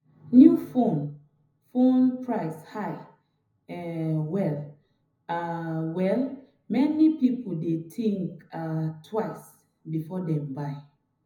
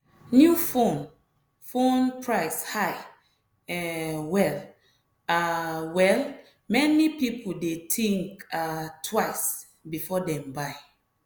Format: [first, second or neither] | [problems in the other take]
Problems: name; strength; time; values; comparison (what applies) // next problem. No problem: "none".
second | room echo; dies away in 0.4 s